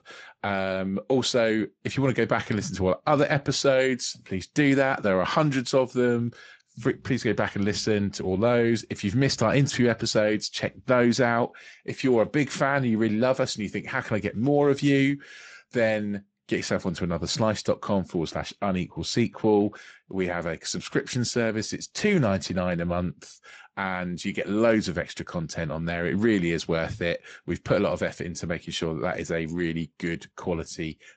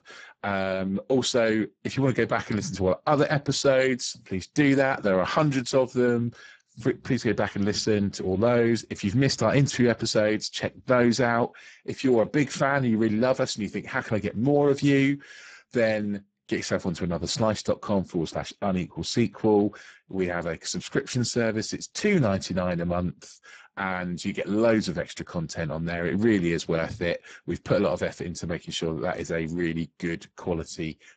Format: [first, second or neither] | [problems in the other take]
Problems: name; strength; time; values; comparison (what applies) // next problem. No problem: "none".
first | garbled, watery; badly; nothing above 7.5 kHz; slightly in the first